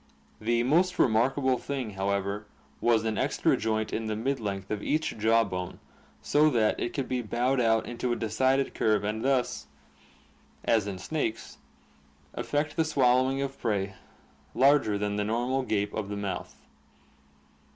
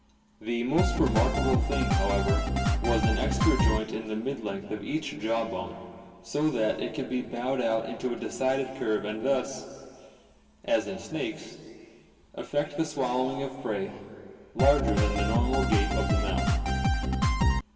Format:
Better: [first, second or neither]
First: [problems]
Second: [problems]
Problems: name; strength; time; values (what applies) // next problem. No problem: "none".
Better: first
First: none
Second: background sound (Drum kit); 5 dB above the speech // room echo; dies away in 2.2 s